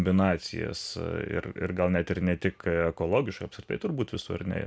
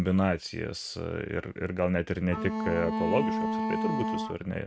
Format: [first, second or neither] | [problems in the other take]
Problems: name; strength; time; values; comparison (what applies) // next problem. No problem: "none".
first | noise reduction (neural mask model RNNoise)